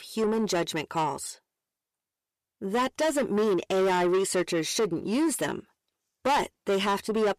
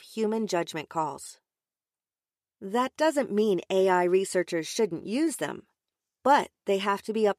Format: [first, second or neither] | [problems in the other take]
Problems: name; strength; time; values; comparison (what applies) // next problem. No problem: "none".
second | distortion; heavy; 8 dB below the speech